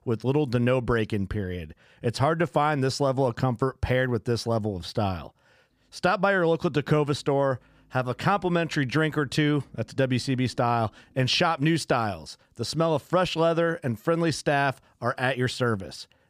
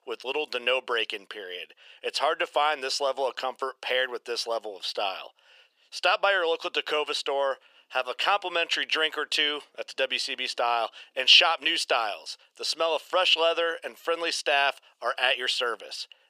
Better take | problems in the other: first | thin; very; fading below 500 Hz

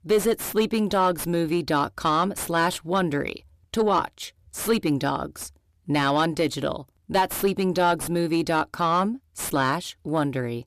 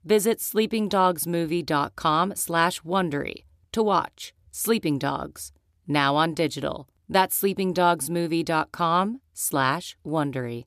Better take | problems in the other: second | distortion; slight; 10 dB below the speech

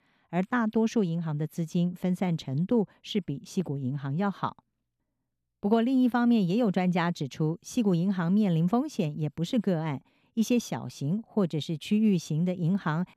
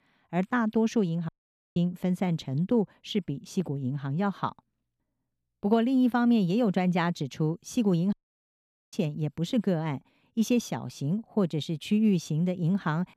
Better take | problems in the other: first | audio cutting out; at 1.5 s and at 8 s for 1 s

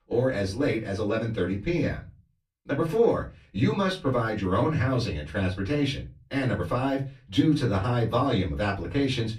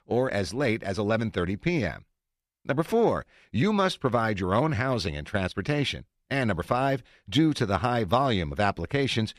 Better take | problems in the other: second | off-mic speech; far // room echo; very slight; dies away in 0.3 s

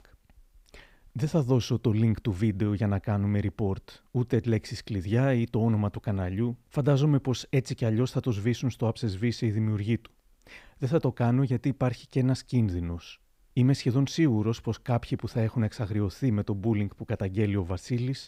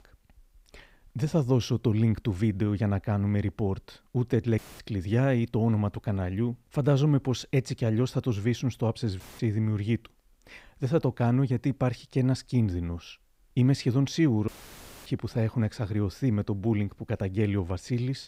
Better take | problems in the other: first | audio cutting out; filled with static; at 4.5 s, at 9 s and at 14 s for 0.5 s

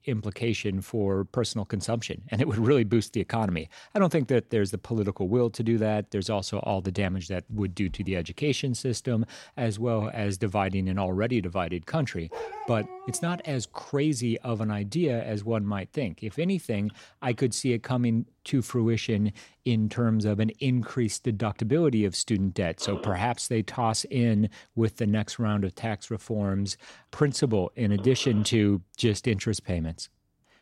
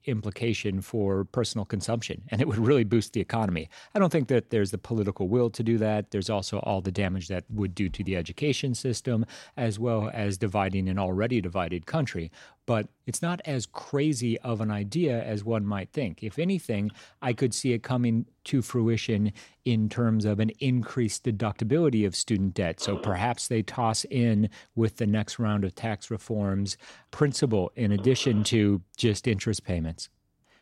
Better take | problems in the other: second | dog barking; noticeable; from 12 to 14 s; peak 9 dB below the speech

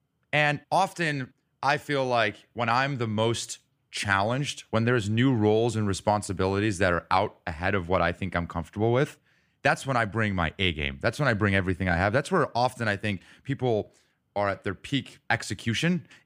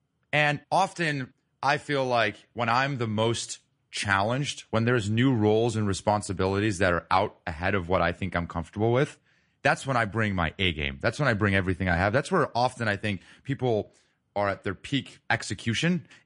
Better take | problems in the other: first | garbled, watery; slightly; nothing above 10.5 kHz

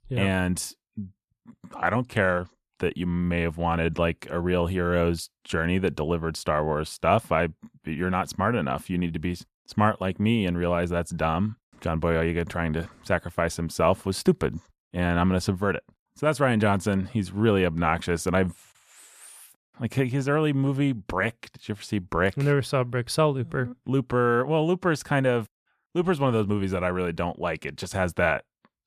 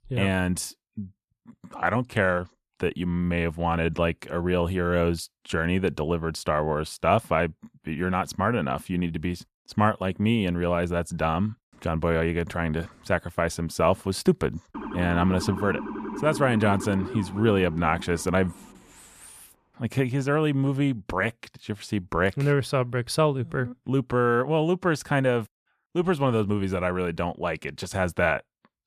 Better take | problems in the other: first | siren; noticeable; from 15 to 19 s; peak 8 dB below the speech

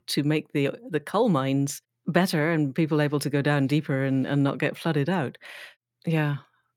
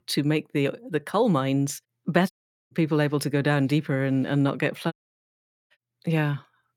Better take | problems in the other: first | audio cutting out; at 2.5 s and at 5 s for 1 s

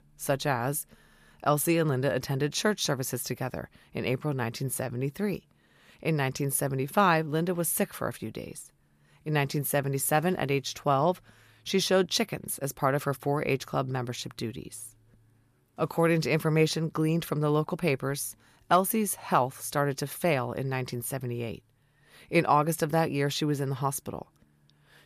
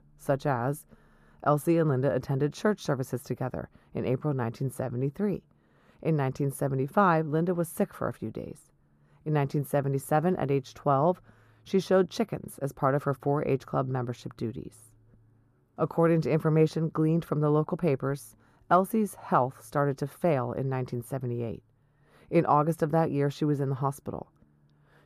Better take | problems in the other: first | muffled; slightly; fading above 1.5 kHz

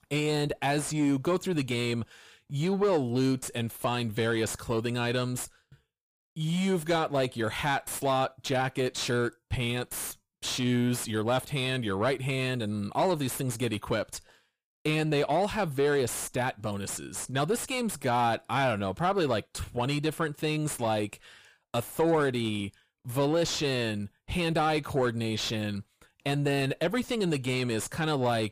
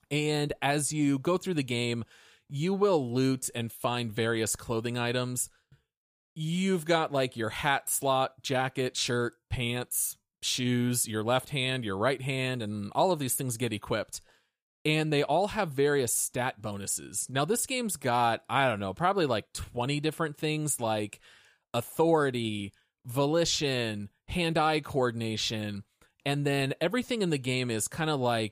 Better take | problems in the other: second | distortion; slight; 10 dB below the speech

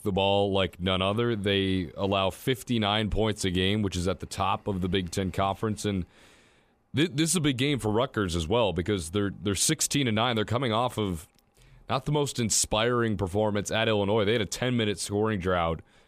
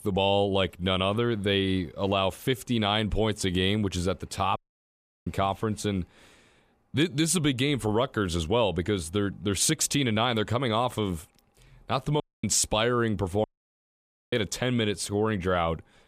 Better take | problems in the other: first | audio cutting out; at 4.5 s for 0.5 s, at 12 s and at 13 s for 1 s

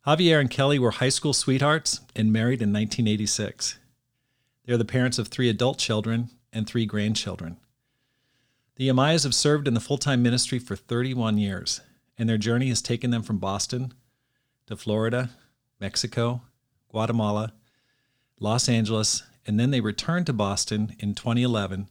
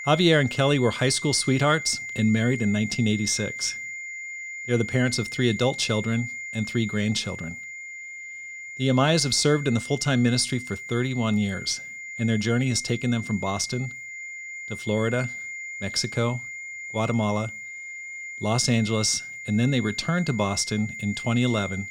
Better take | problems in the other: first | high-pitched whine; loud; throughout; 2 kHz, 10 dB below the speech

